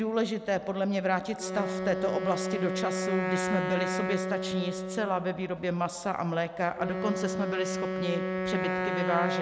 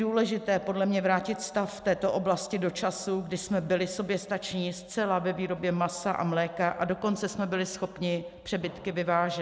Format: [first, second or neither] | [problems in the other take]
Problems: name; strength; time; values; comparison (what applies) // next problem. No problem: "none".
second | background sound (Wind instrument, woodwind instrument); 2 dB below the speech